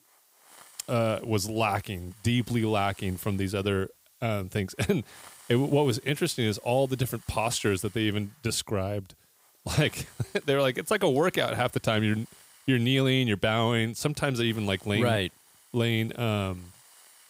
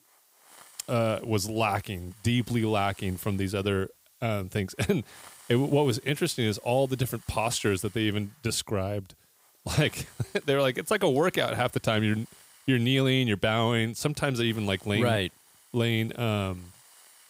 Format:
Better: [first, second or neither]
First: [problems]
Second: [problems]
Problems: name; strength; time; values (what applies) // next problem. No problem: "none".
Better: neither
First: hiss; faint; throughout; 25 dB below the speech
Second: hiss; faint; throughout; 25 dB below the speech